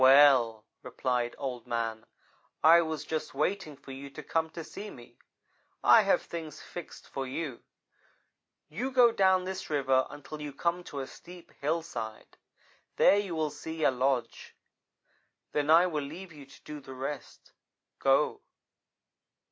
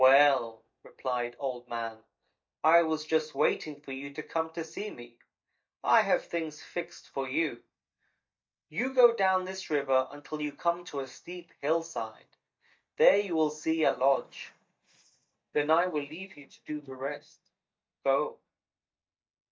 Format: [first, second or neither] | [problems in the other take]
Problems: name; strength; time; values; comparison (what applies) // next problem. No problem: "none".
first | noise reduction (neural mask model DeepFilterNet 3)